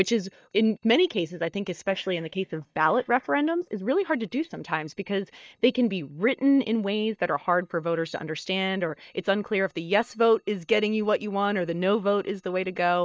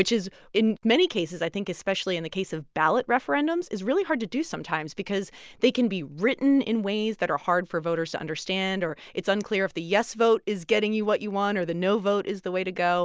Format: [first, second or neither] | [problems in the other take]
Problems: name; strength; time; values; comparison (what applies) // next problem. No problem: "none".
second | noise reduction (neural mask model DeepFilterNet 3)